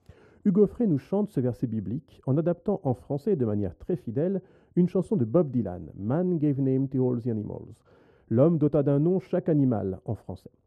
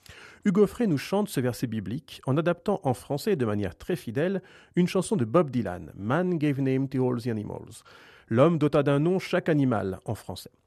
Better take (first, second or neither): second